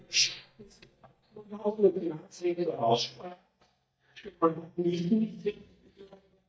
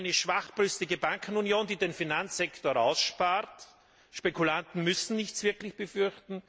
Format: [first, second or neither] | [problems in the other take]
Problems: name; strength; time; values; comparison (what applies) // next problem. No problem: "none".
second | noise reduction (neural mask model DeepFilterNet 3)